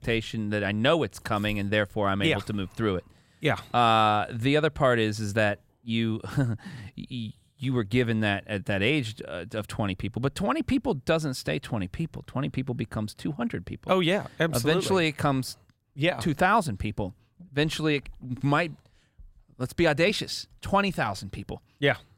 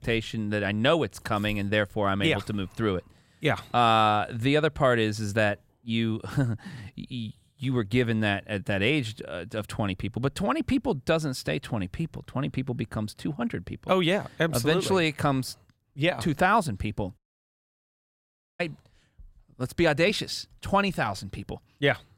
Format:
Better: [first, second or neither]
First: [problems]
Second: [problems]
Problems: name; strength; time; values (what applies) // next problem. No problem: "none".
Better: first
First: none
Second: audio cutting out; at 17 s for 1.5 s